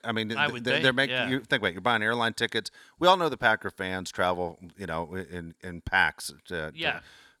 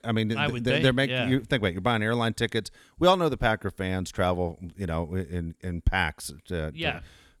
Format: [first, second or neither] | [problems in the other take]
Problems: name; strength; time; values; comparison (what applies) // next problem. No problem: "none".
second | thin; somewhat; fading below 300 Hz